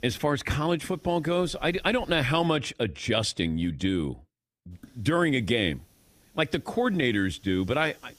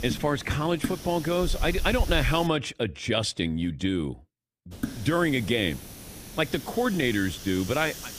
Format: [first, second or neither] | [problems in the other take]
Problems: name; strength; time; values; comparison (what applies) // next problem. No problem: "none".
first | hiss; loud; until 2.5 s and from 4.5 s on; 10 dB below the speech; faint in the first